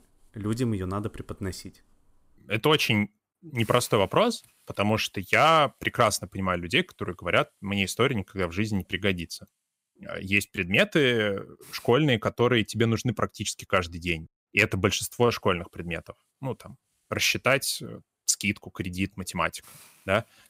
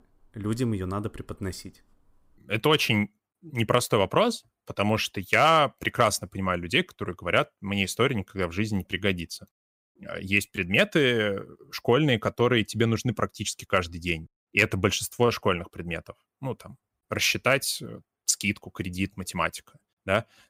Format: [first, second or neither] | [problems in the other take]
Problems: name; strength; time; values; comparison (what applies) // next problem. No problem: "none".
second | hiss; faint; until 12 s and from 15 s on; 30 dB below the speech